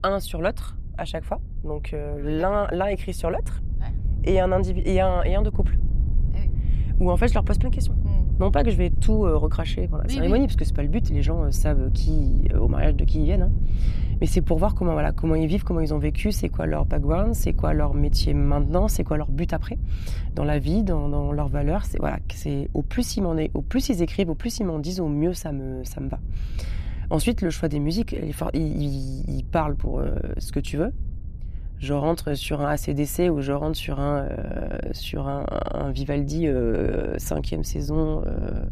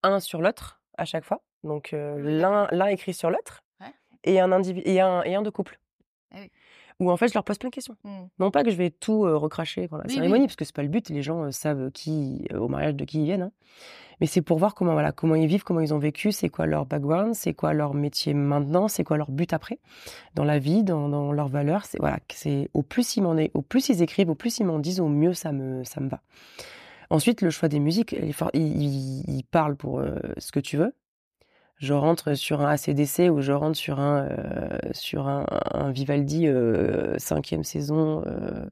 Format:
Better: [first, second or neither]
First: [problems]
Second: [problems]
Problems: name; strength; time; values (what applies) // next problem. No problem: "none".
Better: second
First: wind noise on the microphone; occasional gusts; 15 dB below the speech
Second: none